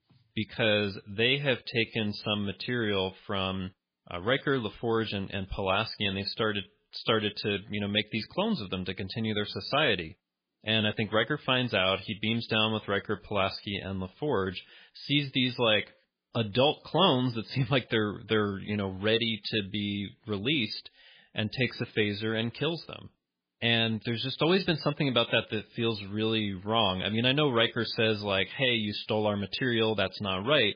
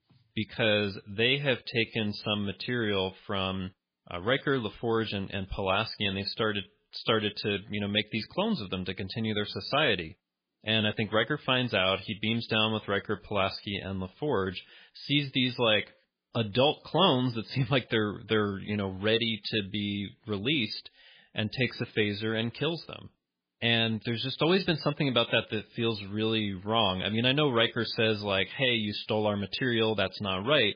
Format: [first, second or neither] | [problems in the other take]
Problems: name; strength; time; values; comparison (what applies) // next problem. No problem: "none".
neither | garbled, watery; badly; the same in both